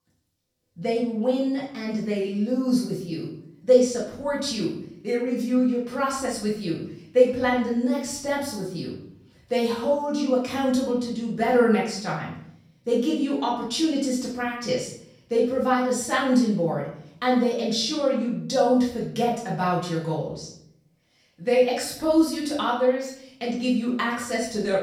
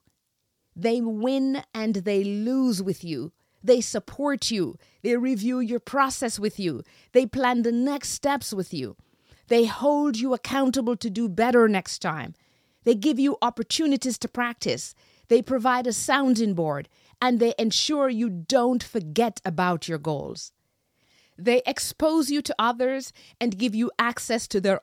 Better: second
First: off-mic speech; far // room echo; noticeable; dies away in 0.6 s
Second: none

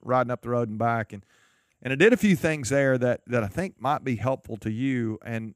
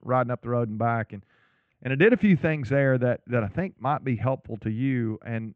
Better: first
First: none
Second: muffled; very; fading above 3 kHz

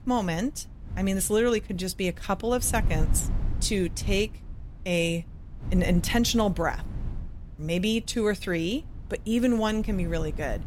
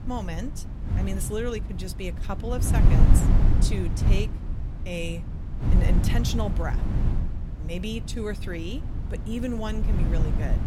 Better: first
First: wind noise on the microphone; occasional gusts; 20 dB below the speech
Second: wind noise on the microphone; heavy; 4 dB below the speech

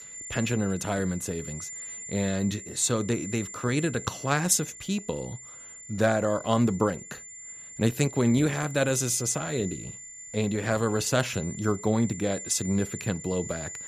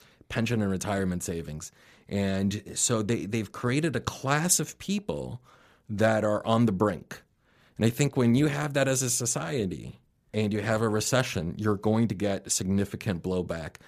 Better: second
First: high-pitched whine; noticeable; throughout; 7 kHz, 10 dB below the speech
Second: none

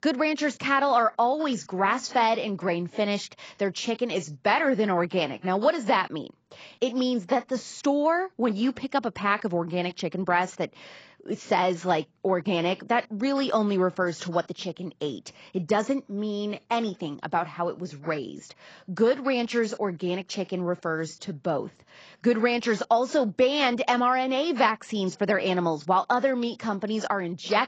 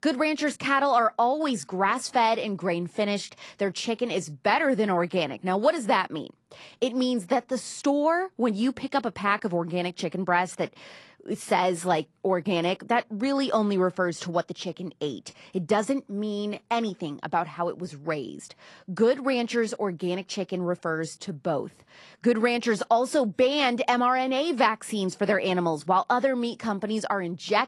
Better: second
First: garbled, watery; badly; nothing above 7.5 kHz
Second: garbled, watery; slightly; nothing above 11 kHz

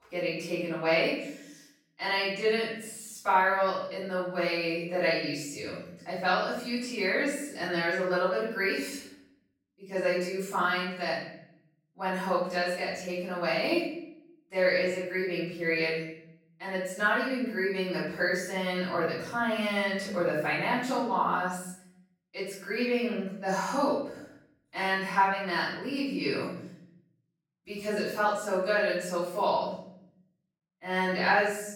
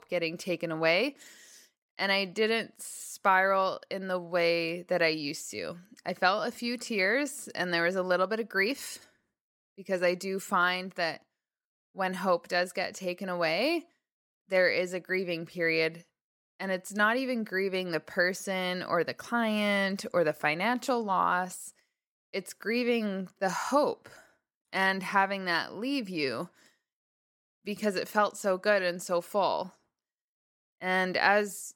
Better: second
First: off-mic speech; far // room echo; noticeable; dies away in 0.7 s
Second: none

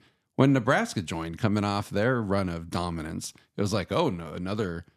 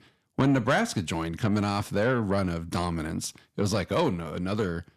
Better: first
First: none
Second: distortion; slight; 10 dB below the speech

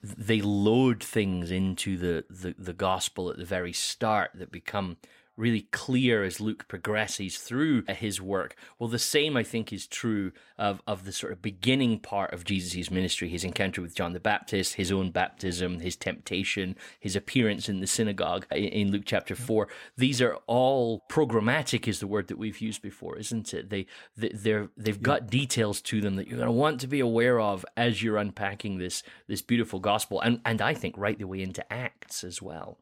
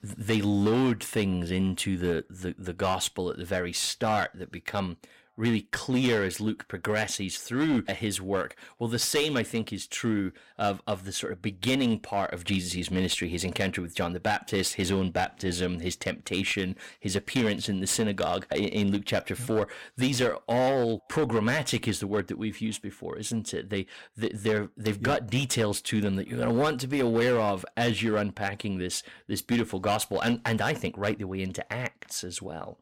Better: first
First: none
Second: distortion; slight; 7% of the sound clipped

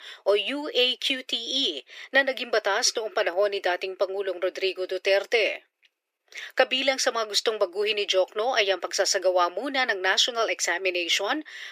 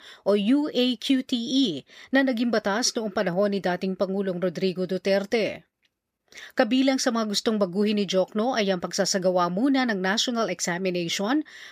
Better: second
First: thin; very; fading below 350 Hz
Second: none

